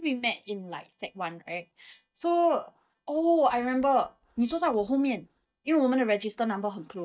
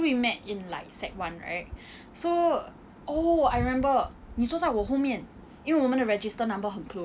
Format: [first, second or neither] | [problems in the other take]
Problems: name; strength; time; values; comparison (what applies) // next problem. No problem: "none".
second | noise reduction (neural mask model DeepFilterNet 3)